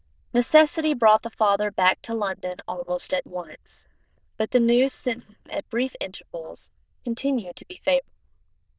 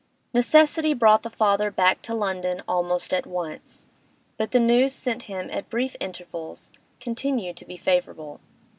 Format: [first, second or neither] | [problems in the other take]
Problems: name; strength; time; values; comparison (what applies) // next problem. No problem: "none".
second | noise reduction (neural diffusion model UNIVERSE++)